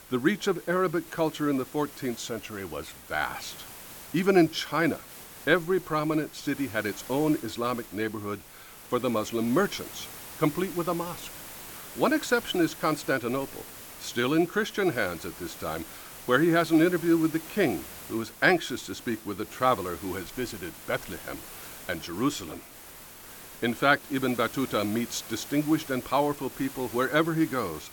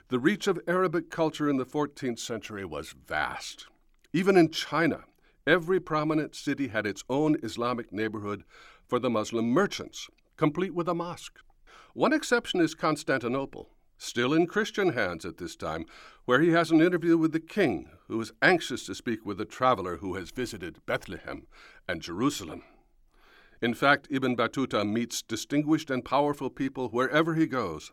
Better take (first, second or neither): second